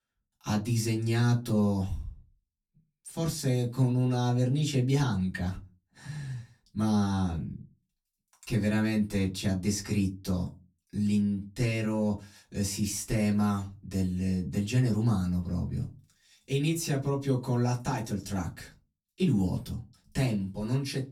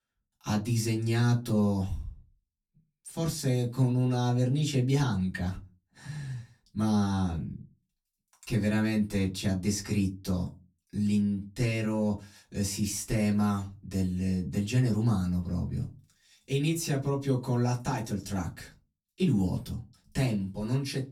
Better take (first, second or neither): neither